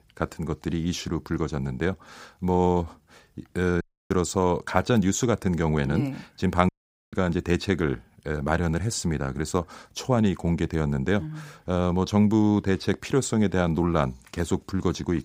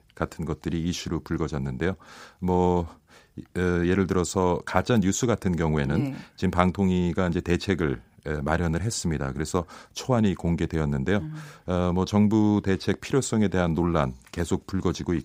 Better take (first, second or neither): second